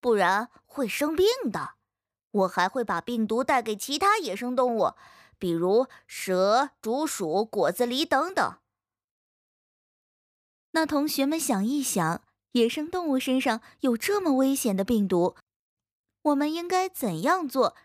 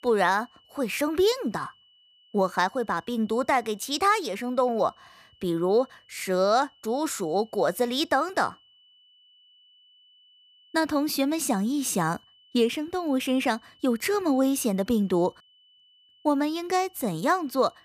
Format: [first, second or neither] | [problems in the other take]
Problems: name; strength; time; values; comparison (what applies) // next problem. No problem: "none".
first | high-pitched whine; faint; throughout; 3 kHz, 30 dB below the speech